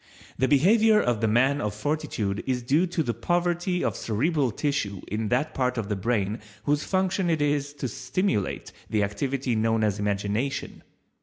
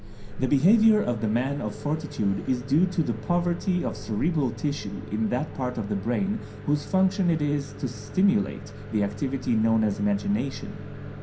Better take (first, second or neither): first